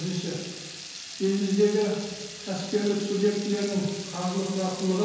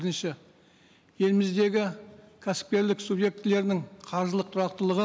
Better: second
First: background sound (Water tap, faucet / Liquid); 13 dB below the speech // room echo; dies away in 1.2 s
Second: none

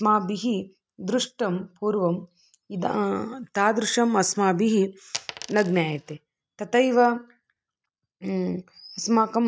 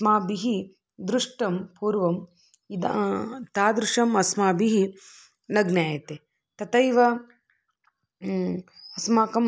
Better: second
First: noise reduction (neural mask model RNNoise)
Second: none

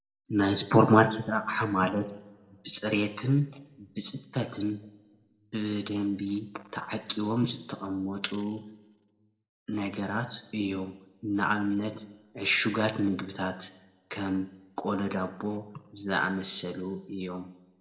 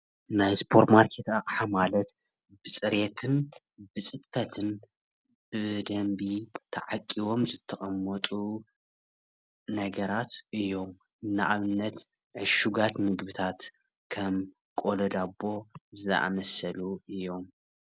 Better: second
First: room echo; dies away in 0.8 s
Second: none

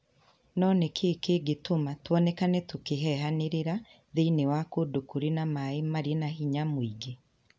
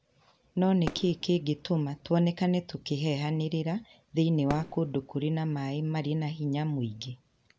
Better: first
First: none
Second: background sound (Fireworks); 16 dB below the speech

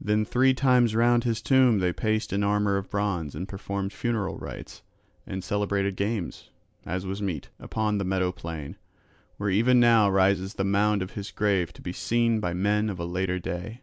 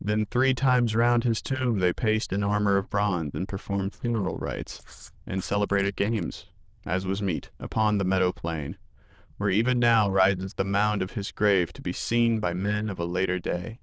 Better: first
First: none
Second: noise reduction (neural diffusion model UNIVERSE++)

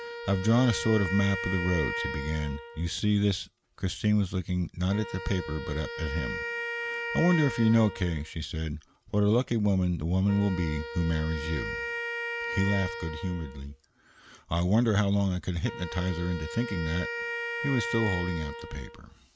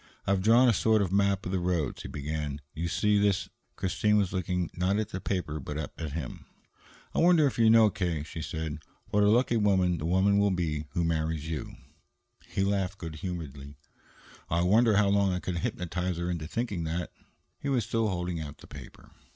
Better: second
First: background sound (Wind instrument, woodwind instrument); 9 dB below the speech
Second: none

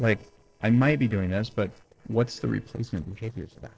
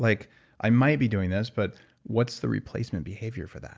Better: second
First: noise reduction (neural separator model SepFormer DNS4)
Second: none

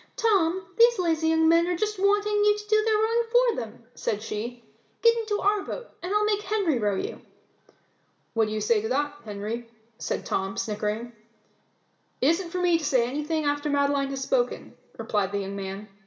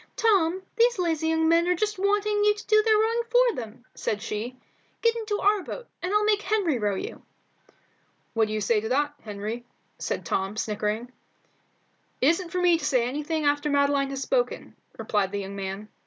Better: second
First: room echo; dies away in 0.6 s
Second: none

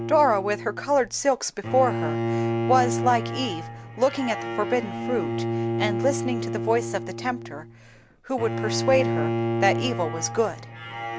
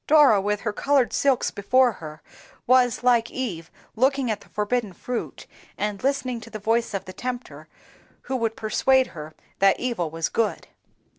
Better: second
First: background sound (Bowed string instrument); 3 dB below the speech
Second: none

